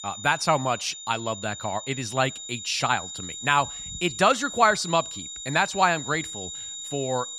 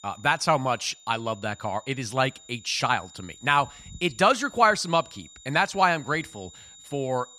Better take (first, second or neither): second